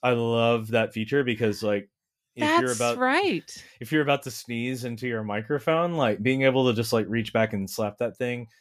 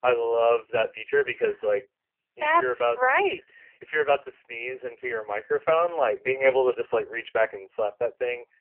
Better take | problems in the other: first | phone-call audio; poor line; nothing above 3 kHz

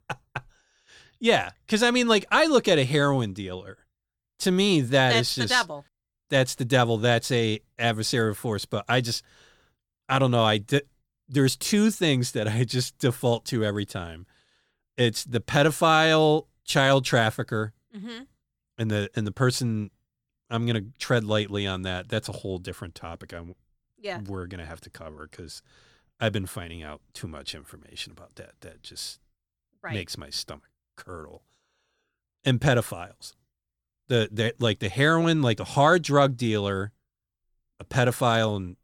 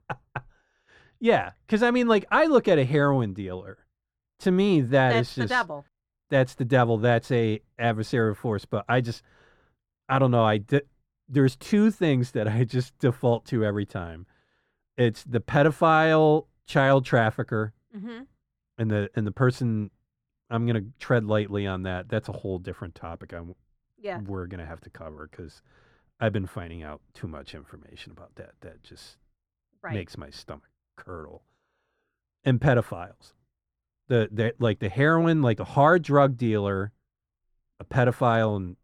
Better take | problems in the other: first | muffled; slightly; fading above 3 kHz

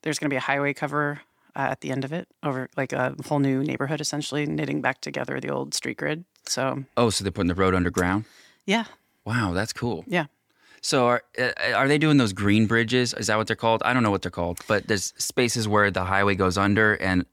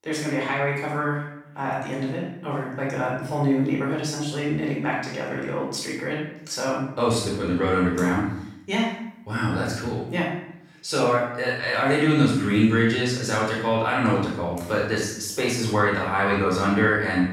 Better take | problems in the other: first | off-mic speech; far // room echo; noticeable; dies away in 0.7 s

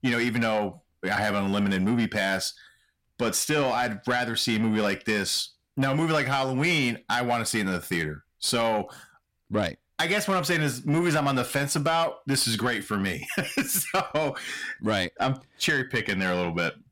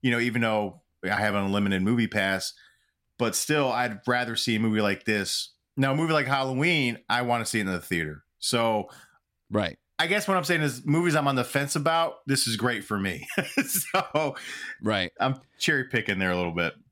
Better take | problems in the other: second | distortion; slight; 10 dB below the speech

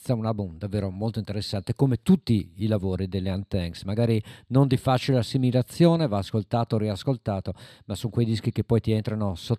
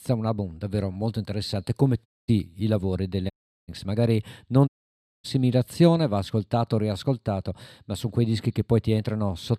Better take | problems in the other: first | audio cutting out; at 2 s, at 3.5 s and at 4.5 s for 0.5 s

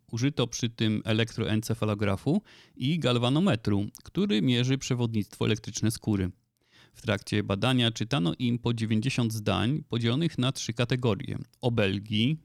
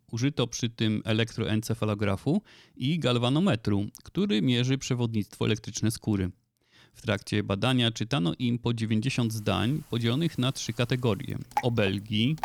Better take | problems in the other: first | rain or running water; loud; from 9.5 s on; 8 dB below the speech

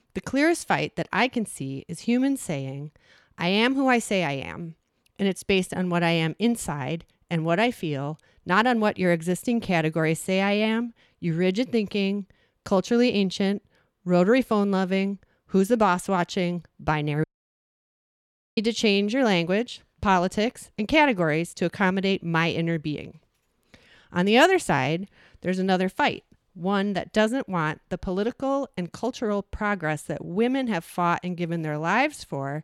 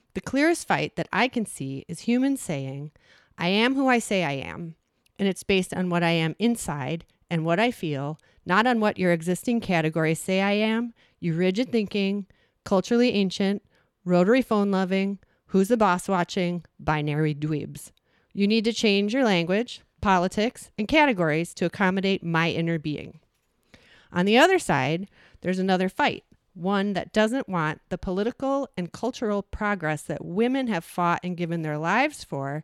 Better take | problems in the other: second | audio cutting out; at 17 s for 1.5 s

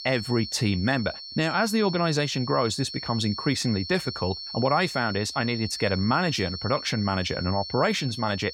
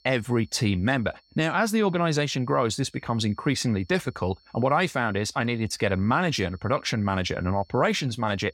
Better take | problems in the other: second | high-pitched whine; loud; throughout; 4.5 kHz, 9 dB below the speech; faint in the second

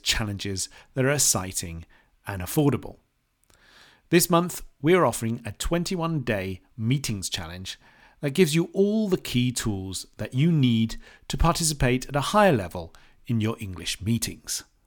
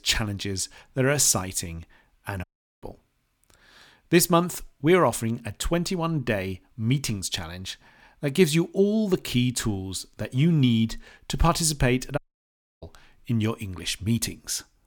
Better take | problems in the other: first | audio cutting out; at 2.5 s and at 12 s for 0.5 s

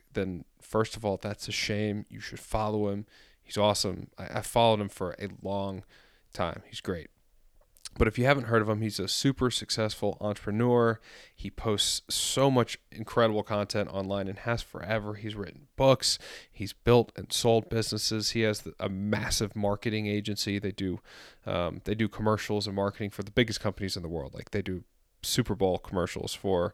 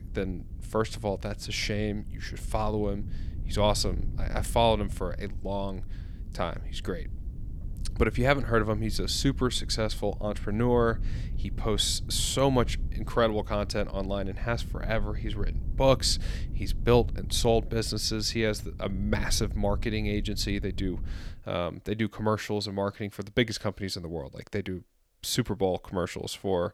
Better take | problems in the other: first | low rumble; faint; until 21 s; 25 dB below the speech

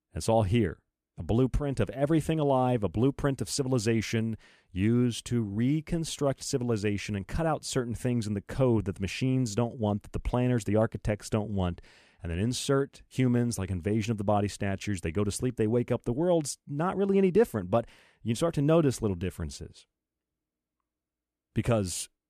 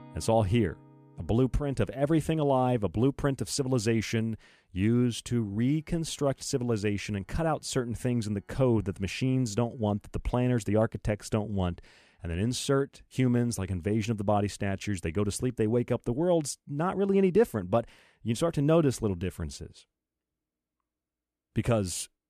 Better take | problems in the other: first | background music; faint; until 11 s; 30 dB below the speech

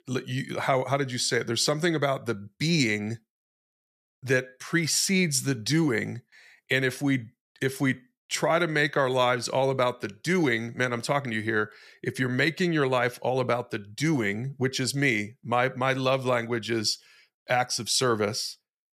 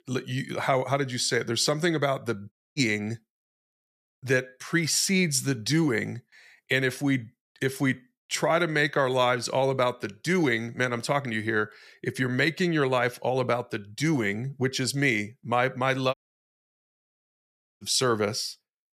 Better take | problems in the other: first | audio cutting out; at 2.5 s and at 16 s for 1.5 s

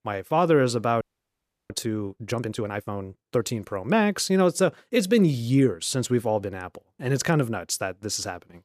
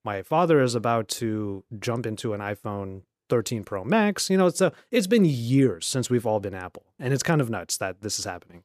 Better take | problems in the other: second | audio freezing; at 1 s for 0.5 s

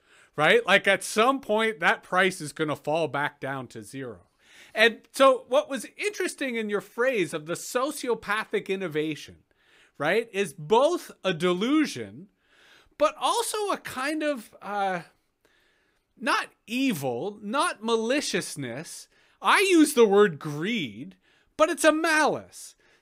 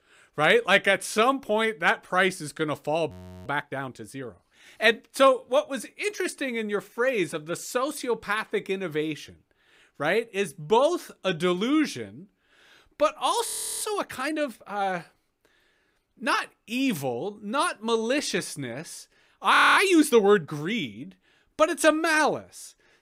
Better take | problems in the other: first | audio freezing; at 3 s, at 13 s and at 20 s

